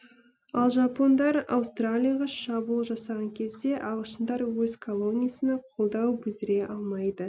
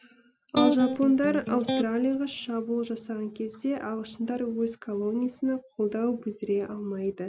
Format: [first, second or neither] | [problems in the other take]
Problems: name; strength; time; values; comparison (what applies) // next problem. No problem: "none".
first | background sound (Electric guitar); 1 dB below the speech